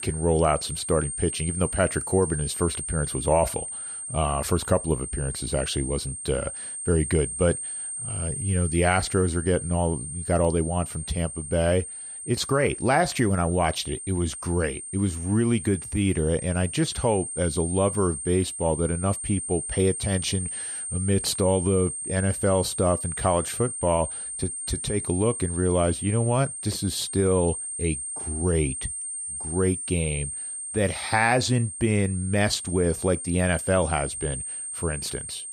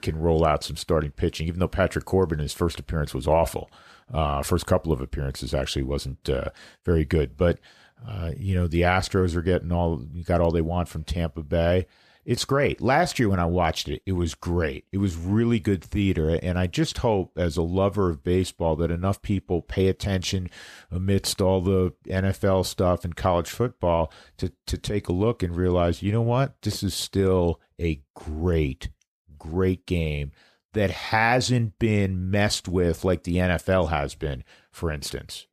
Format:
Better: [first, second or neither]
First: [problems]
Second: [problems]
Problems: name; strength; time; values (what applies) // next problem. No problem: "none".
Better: second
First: high-pitched whine; loud; throughout; 8.5 kHz, 6 dB below the speech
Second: none